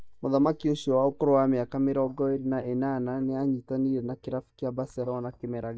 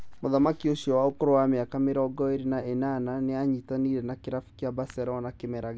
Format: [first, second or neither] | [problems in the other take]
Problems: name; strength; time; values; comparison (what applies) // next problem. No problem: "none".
second | noise reduction (neural mask model DeepFilterNet 3)